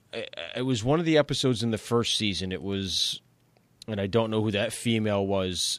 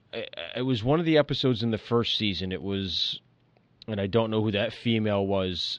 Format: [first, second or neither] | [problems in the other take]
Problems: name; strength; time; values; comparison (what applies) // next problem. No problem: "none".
first | muffled; very slightly; fading above 4 kHz